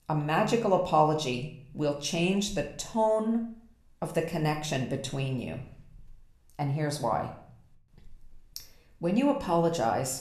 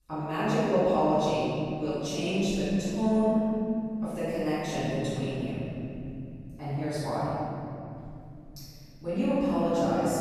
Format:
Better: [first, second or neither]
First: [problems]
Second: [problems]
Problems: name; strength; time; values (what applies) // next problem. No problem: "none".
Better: first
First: room echo; slight; dies away in 0.5 s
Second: room echo; strong; dies away in 3 s // off-mic speech; far